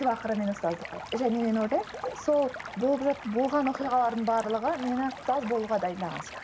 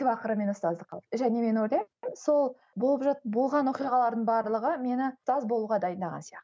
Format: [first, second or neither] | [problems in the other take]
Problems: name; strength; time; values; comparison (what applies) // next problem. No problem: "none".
second | background sound (Stream); 14 dB below the speech